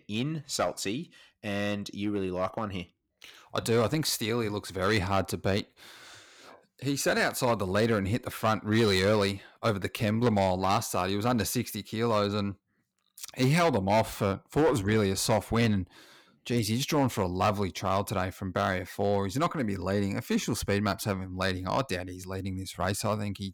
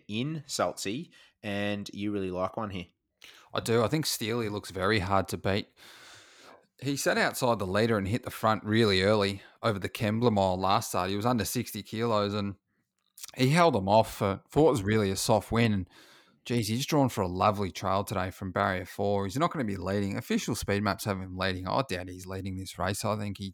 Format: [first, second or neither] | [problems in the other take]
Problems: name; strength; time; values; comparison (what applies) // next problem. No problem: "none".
second | distortion; slight; 4% of the sound clipped